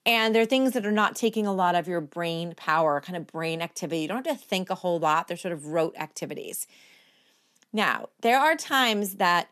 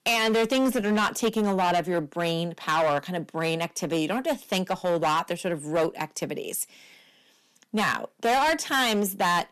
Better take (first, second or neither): first